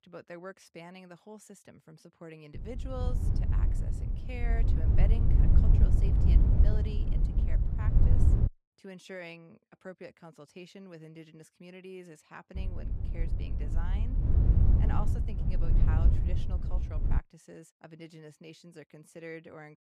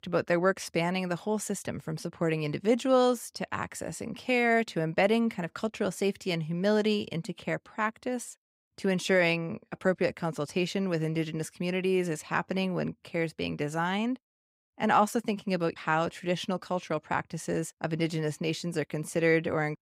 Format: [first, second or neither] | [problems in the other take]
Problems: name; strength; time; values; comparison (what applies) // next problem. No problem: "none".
second | wind noise on the microphone; heavy; from 2.5 to 8.5 s and from 13 to 17 s; 3 dB above the speech